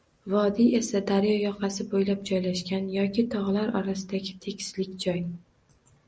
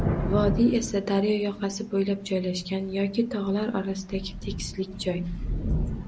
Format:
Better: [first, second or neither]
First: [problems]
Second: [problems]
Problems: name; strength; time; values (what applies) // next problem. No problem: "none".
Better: first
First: none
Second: background sound (Thunder / Rain); 5 dB below the speech